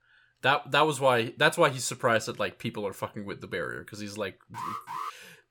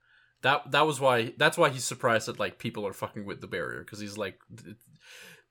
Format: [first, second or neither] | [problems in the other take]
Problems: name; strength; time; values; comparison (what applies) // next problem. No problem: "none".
second | alarm; noticeable; at 4.5 s; peak 9 dB below the speech